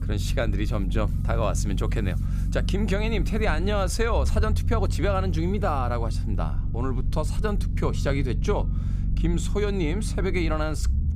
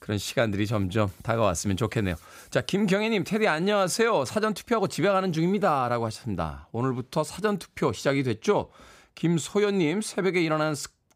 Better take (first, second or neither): second